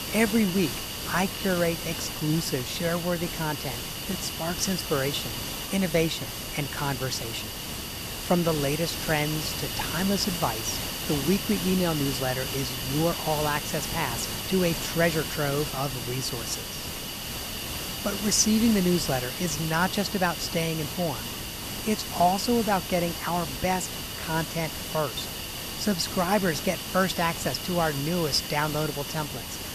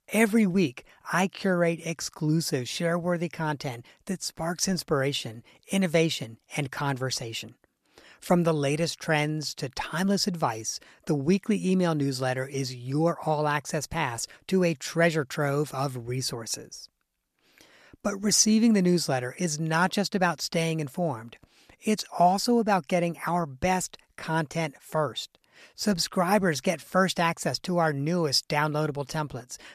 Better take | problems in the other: second | hiss; loud; throughout; 4 dB below the speech

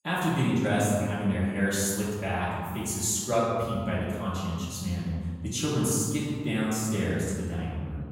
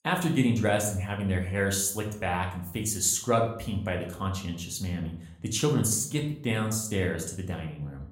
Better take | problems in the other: second | room echo; strong; dies away in 1.6 s; slight in the second // off-mic speech; far; somewhat distant in the second

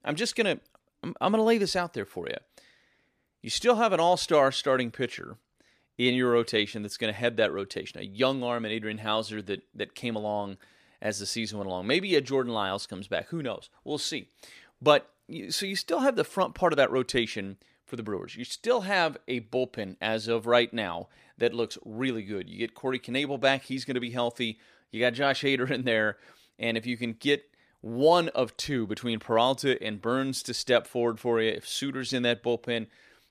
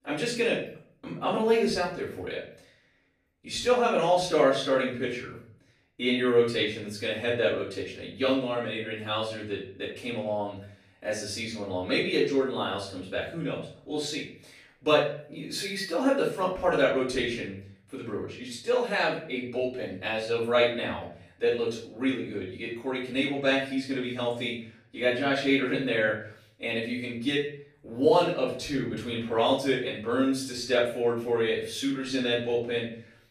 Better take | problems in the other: first | off-mic speech; far // room echo; noticeable; dies away in 0.5 s

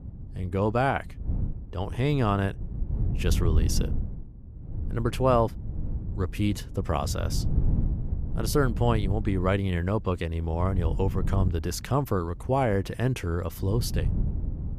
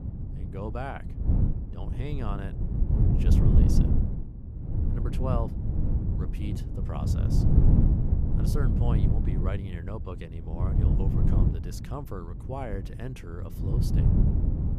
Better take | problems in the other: first | wind noise on the microphone; heavy; 2 dB above the speech; occasional gusts in the first

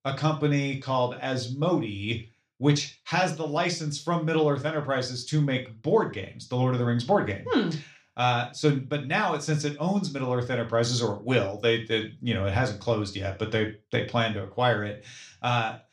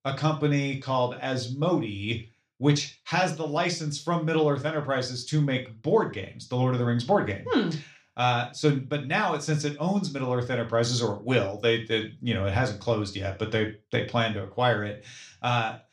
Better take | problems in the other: neither | room echo; very slight; dies away in 0.3 s; the same in both

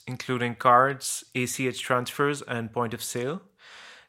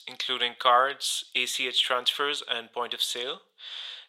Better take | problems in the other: first | thin; very; fading below 550 Hz

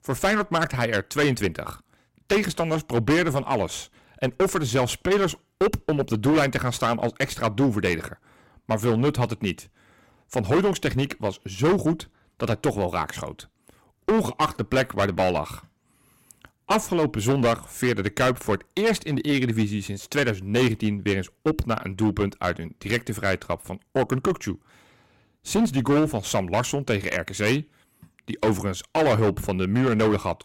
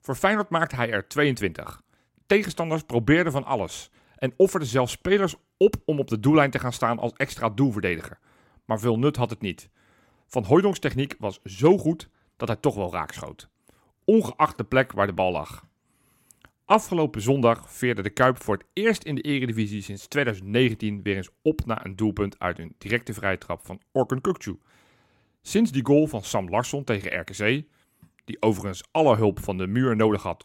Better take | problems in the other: second | distortion; heavy; 10% of the sound clipped

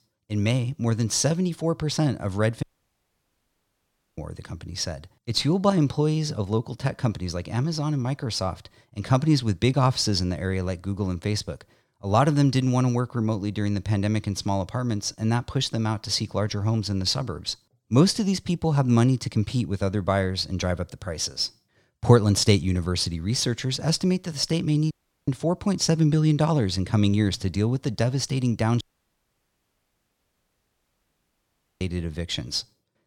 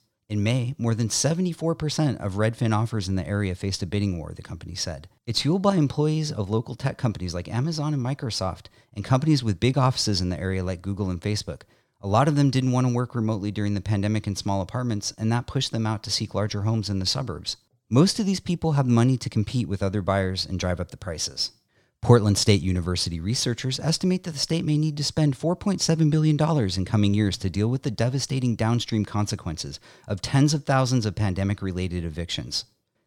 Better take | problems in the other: second | audio cutting out; at 2.5 s for 1.5 s, at 25 s and at 29 s for 3 s

